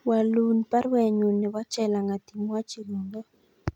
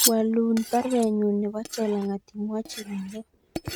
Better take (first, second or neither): first